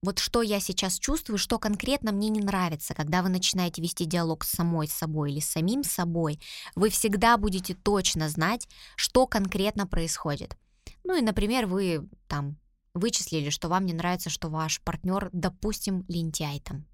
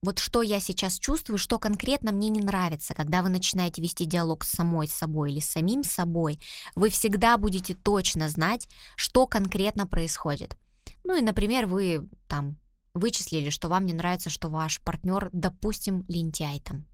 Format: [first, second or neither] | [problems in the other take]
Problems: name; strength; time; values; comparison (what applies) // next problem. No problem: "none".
first | garbled, watery; slightly; nothing above 16 kHz